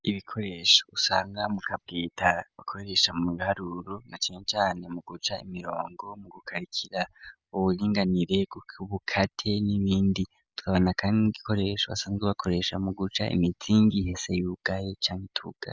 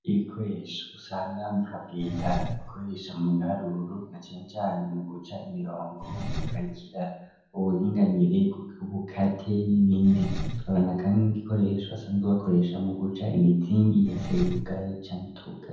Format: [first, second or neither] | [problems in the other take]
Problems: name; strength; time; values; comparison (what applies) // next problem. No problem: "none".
first | background sound (Engine); 12 dB below the speech // room echo; dies away in 0.9 s